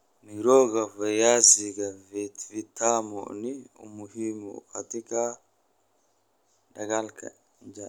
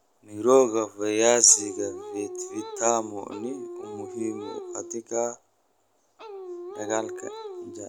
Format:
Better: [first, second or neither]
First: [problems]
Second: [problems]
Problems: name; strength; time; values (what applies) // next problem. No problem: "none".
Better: first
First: none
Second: background sound (Dog); 11 dB below the speech